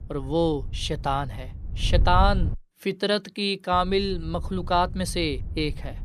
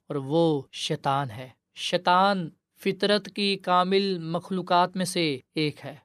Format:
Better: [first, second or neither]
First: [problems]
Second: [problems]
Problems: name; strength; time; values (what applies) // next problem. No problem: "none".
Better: second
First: wind noise on the microphone; occasional gusts; until 2.5 s and from 3.5 s on; 20 dB below the speech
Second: none